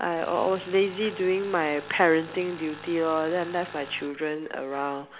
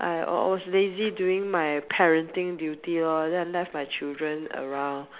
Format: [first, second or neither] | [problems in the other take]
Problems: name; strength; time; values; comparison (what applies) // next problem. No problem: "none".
second | background sound (Tools); 18 dB below the speech